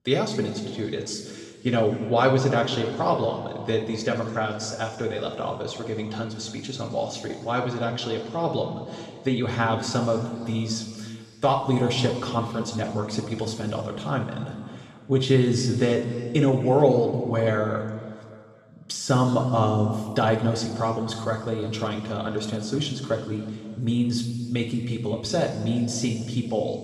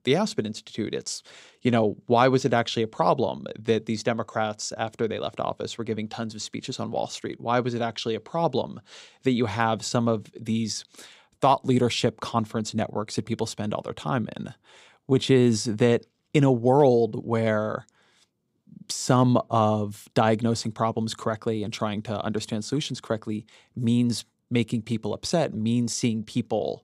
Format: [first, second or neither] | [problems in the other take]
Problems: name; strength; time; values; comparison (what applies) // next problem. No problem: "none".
second | room echo; noticeable; dies away in 2 s // off-mic speech; somewhat distant